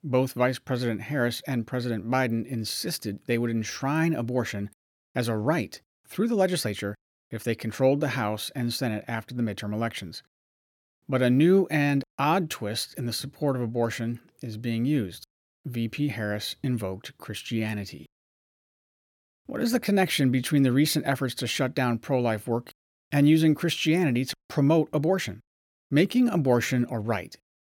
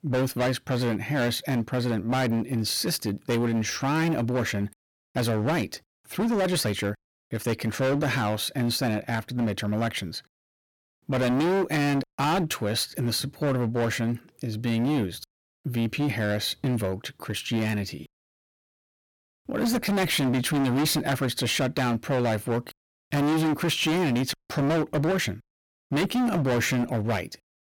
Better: first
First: none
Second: distortion; heavy; 19% of the sound clipped

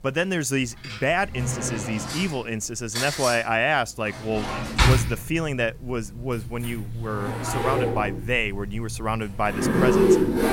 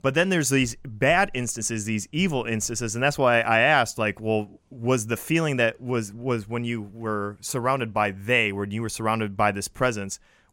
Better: second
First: household noises; very loud; throughout; 1 dB above the speech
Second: none

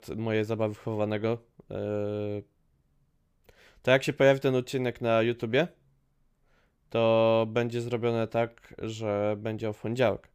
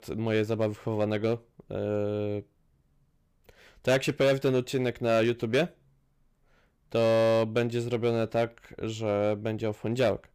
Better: first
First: none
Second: distortion; slight; 4% of the sound clipped

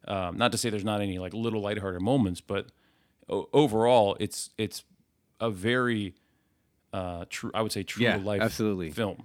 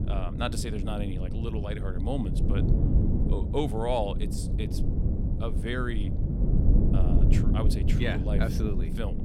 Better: first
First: none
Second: low rumble; loud; throughout; 4 dB below the speech

